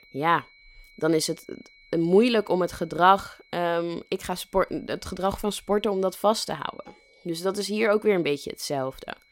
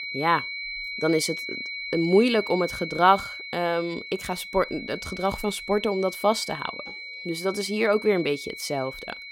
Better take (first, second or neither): first